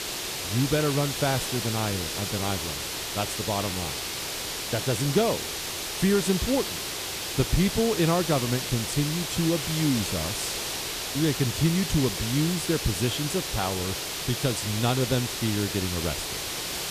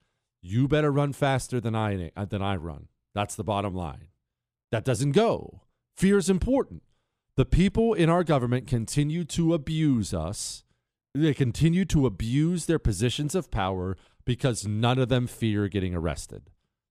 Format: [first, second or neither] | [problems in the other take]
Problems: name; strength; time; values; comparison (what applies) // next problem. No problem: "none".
second | hiss; loud; throughout; 2 dB below the speech